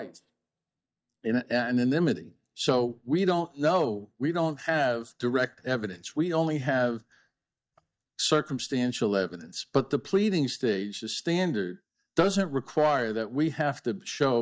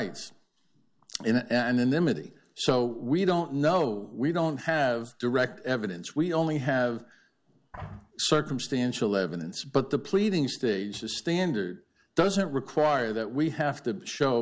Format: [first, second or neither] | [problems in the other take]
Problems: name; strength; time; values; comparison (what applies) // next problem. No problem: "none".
second | noise reduction (neural mask model DeepFilterNet 3)